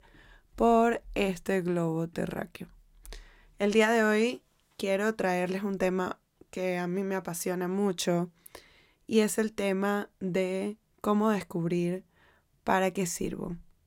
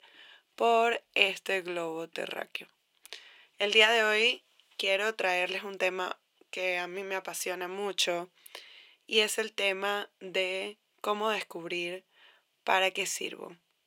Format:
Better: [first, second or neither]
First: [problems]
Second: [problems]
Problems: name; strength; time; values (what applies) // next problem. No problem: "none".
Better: first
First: none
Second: thin; very; fading below 500 Hz